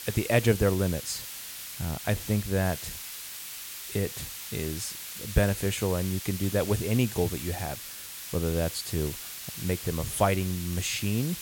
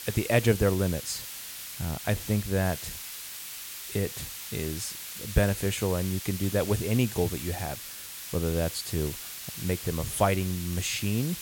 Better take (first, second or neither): neither